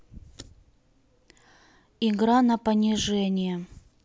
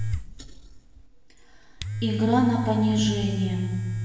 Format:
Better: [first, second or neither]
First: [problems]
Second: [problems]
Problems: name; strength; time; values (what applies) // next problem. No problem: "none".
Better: first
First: none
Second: background sound (Domestic sounds, home sounds); 4 dB below the speech // room echo; dies away in 1.2 s